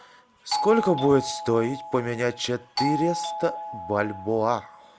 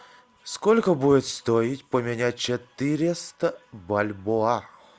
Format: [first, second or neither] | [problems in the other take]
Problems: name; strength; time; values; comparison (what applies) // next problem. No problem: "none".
second | background sound (Doorbell); 7 dB below the speech